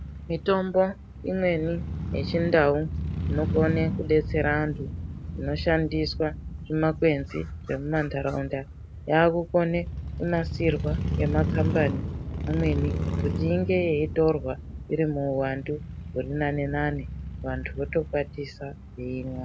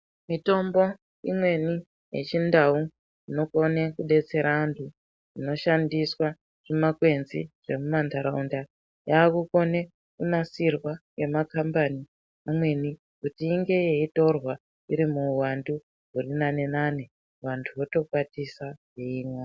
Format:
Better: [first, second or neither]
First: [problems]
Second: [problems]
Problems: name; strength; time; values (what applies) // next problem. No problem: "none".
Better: second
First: background sound (Motorcycle / Crow); 5 dB below the speech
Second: none